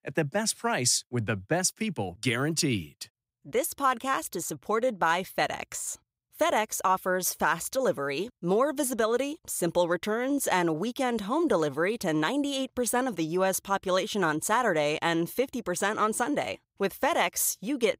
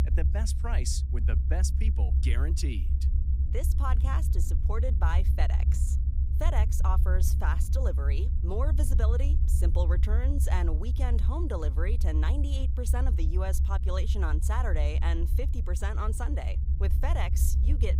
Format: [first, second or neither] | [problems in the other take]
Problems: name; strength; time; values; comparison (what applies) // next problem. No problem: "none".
first | low rumble; loud; throughout; 8 dB below the speech